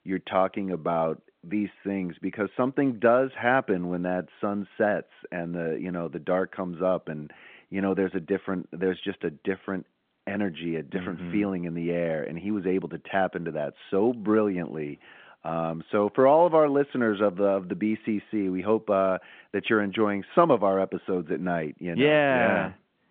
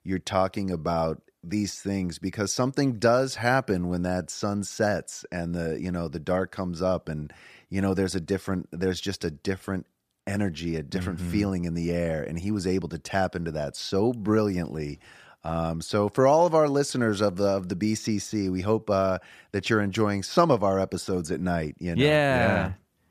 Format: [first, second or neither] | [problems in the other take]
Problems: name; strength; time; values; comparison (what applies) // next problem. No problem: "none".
second | phone-call audio